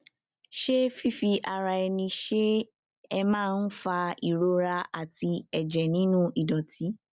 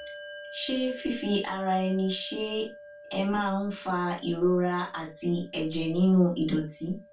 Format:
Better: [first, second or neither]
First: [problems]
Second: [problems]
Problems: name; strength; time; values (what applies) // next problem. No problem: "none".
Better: first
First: none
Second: background sound (Bell); 18 dB below the speech // room echo; dies away in 0.2 s